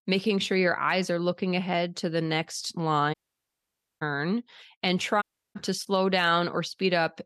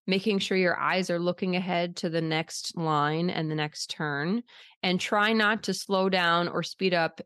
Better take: second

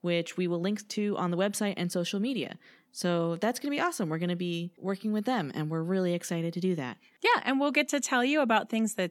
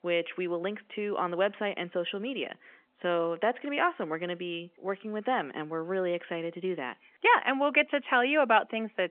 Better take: first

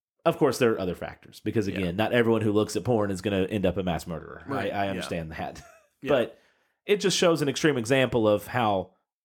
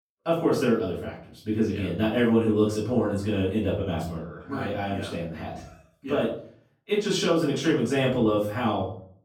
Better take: first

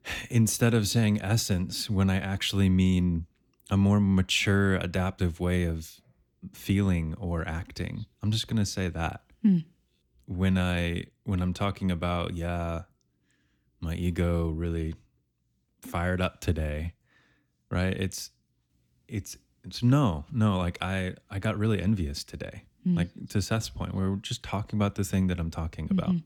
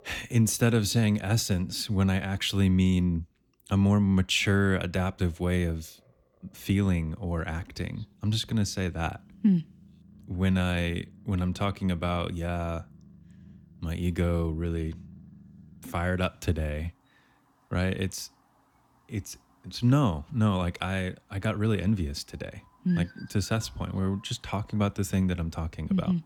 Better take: first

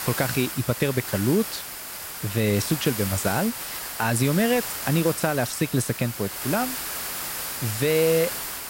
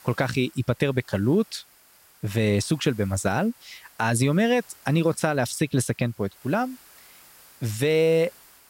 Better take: second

